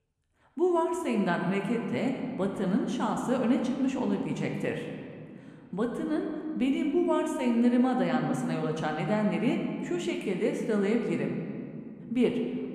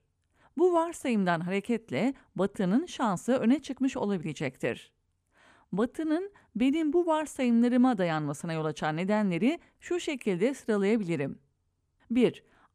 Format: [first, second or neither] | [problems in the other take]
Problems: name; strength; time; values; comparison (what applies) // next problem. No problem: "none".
second | room echo; slight; dies away in 2.1 s